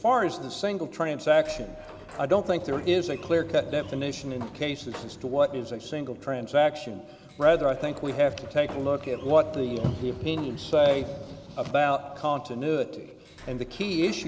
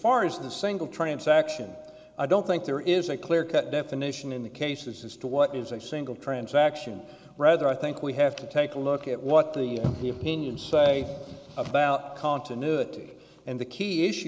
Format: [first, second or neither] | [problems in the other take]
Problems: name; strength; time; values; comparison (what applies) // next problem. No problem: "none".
second | background sound (Sliding door); 18 dB below the speech